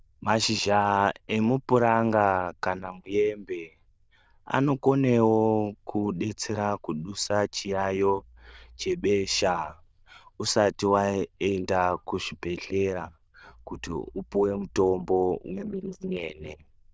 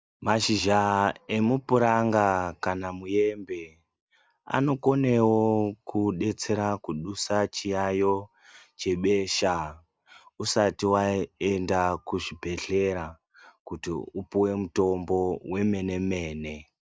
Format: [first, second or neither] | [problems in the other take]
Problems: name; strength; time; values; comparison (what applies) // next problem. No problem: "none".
second | noise reduction (neural diffusion model UNIVERSE++)